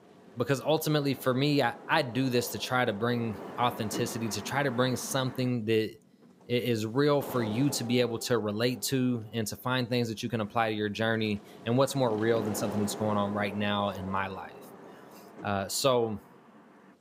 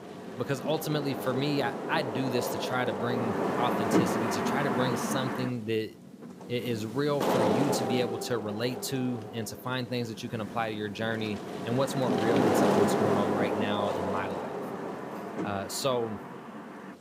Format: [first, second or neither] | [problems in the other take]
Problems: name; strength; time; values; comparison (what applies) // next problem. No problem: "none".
first | wind noise on the microphone; heavy; 2 dB above the speech; occasional gusts in the first